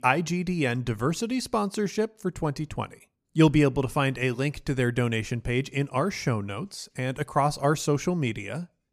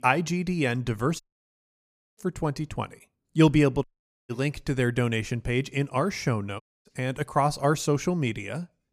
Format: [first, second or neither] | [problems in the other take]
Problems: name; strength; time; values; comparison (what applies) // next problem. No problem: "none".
first | audio cutting out; at 1 s for 1 s, at 4 s and at 6.5 s